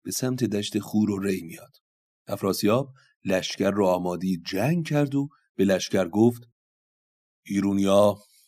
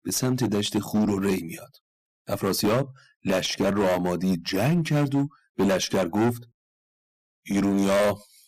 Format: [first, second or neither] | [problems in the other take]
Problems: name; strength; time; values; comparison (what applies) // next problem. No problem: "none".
first | distortion; heavy; 13% of the sound clipped